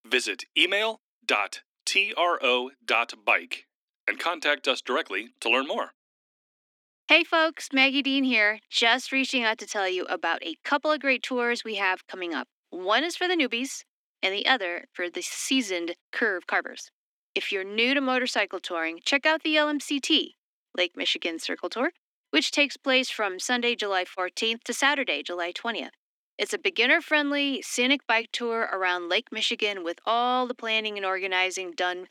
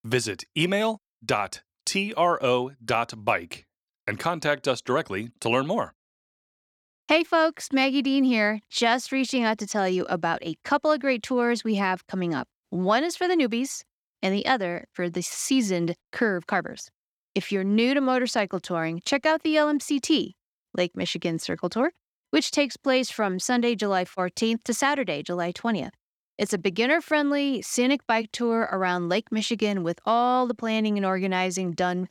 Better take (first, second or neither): second